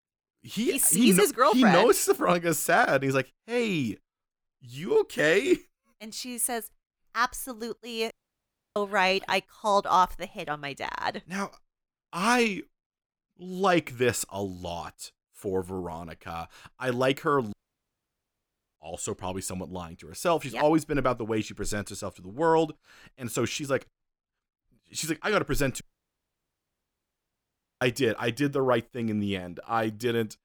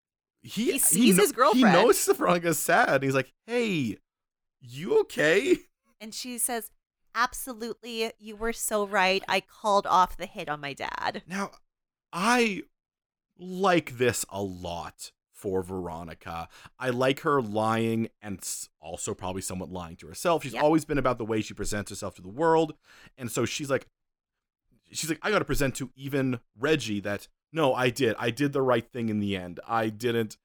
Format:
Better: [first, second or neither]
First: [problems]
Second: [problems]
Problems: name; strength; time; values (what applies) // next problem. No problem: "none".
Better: second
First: audio cutting out; at 8 s for 0.5 s, at 18 s for 1 s and at 26 s for 2 s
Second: none